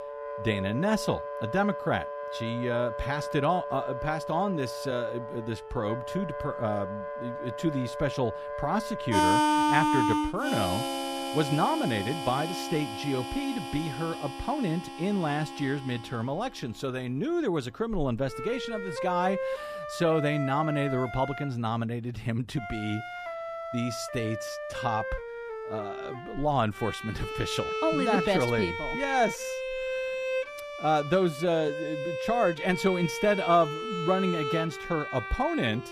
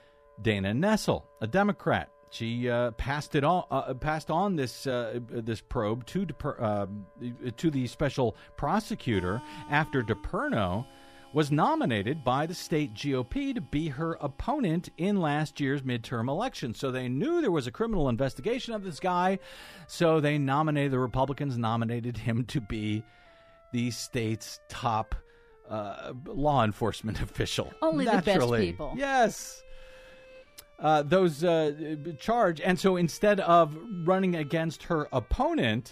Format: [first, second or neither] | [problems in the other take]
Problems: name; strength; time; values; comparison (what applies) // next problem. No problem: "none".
second | background music; loud; throughout; 3 dB below the speech; faint in the second